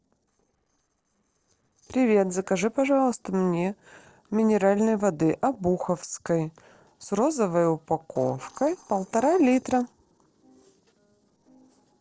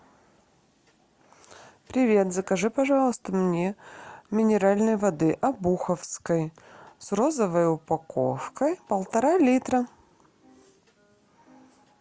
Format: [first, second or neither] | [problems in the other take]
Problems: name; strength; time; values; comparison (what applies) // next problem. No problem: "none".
second | noise reduction (neural separator model SepFormer DNS4)